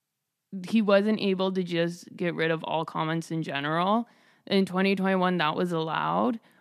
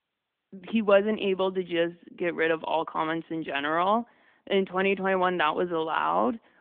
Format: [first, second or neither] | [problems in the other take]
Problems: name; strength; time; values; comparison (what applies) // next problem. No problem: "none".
first | phone-call audio; nothing above 3.5 kHz